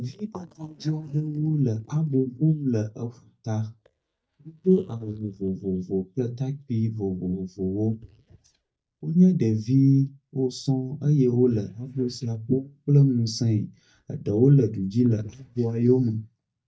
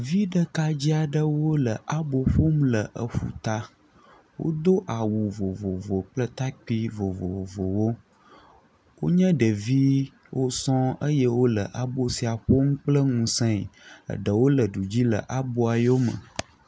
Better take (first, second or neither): second